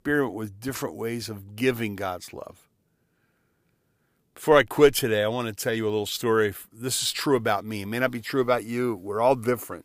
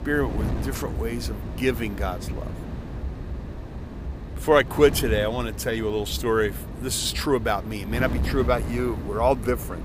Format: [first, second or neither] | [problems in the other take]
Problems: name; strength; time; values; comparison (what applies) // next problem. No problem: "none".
first | wind noise on the microphone; occasional gusts; 15 dB below the speech